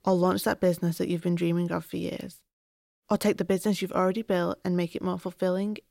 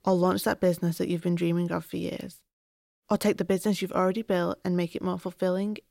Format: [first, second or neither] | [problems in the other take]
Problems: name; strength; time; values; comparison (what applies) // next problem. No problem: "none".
neither | none